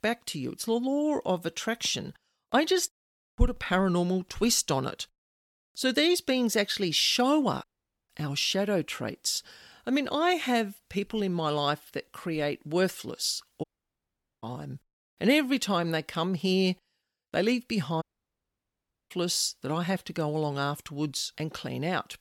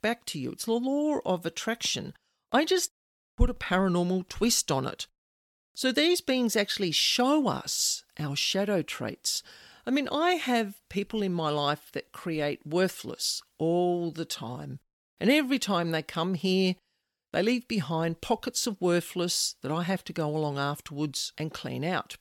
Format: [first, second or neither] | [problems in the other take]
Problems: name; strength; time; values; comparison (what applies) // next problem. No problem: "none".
second | audio cutting out; at 7.5 s, at 14 s for 1 s and at 18 s for 1 s